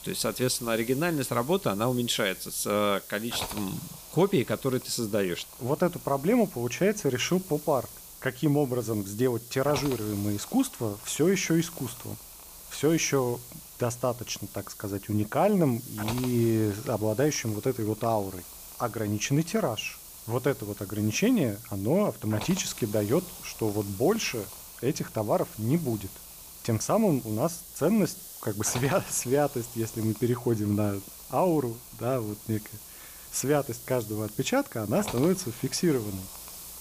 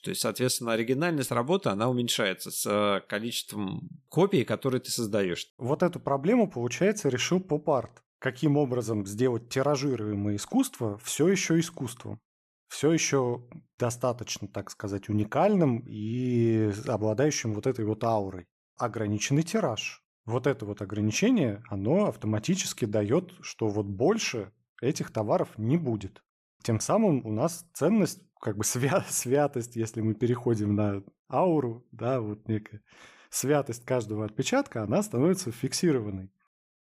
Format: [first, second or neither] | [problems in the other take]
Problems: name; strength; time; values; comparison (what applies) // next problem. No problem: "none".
second | hiss; noticeable; throughout; 15 dB below the speech